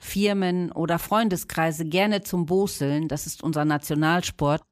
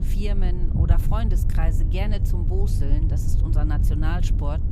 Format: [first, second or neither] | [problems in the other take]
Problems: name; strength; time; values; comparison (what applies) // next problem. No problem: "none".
first | low rumble; loud; throughout; 4 dB below the speech